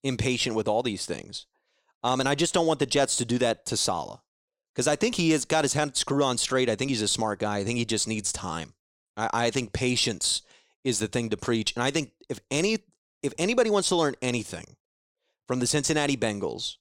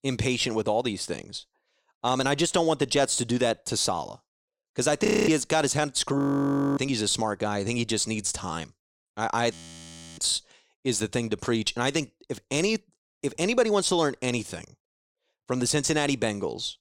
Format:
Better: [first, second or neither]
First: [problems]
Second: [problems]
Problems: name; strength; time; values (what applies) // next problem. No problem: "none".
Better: first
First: none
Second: audio freezing; at 5 s, at 6 s for 0.5 s and at 9.5 s for 0.5 s